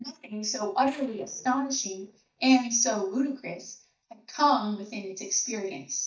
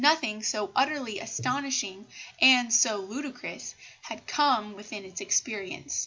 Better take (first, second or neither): second